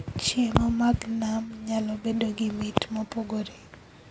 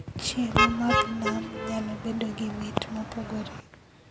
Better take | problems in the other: first | background sound (Motor vehicle (road)); as loud as the speech

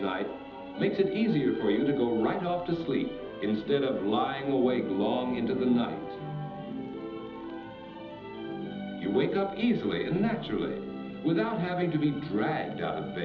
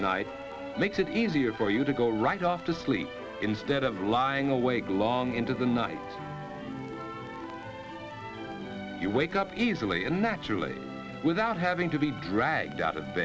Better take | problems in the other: second | room echo; dies away in 1.2 s

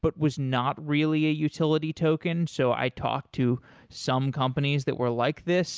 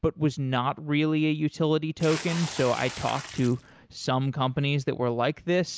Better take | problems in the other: first | background sound (Water / Splash, splatter); 12 dB below the speech

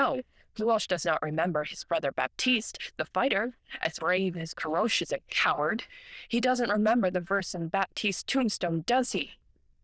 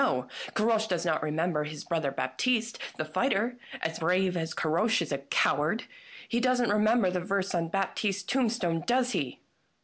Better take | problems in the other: second | noise reduction (neural diffusion model UNIVERSE++)

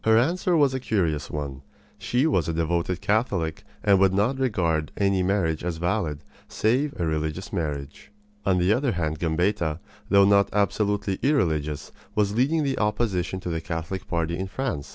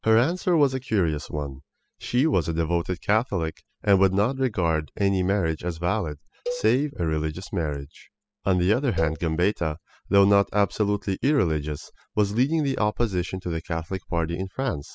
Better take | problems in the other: first | noise reduction (classical method spectral subtraction)

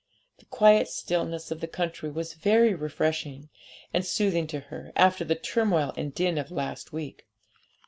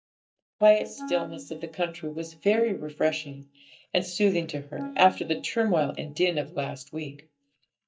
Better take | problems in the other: first | noise reduction (neural mask model DeepFilterNet 3)

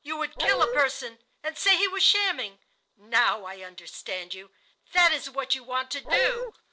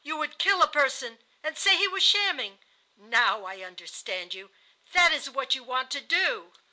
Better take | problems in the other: second | noise reduction (neural separator model SepFormer DNS4)

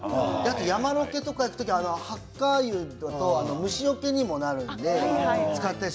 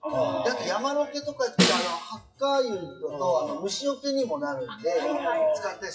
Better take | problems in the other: first | noise reduction (classical method WPE with log-MMSE)

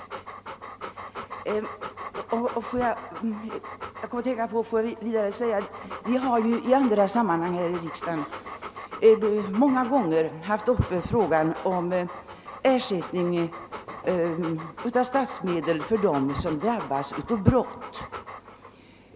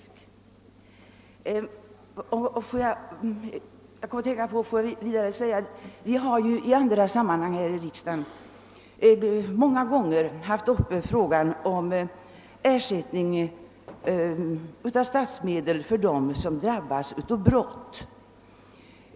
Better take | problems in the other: second | background sound (Dog); 13 dB below the speech

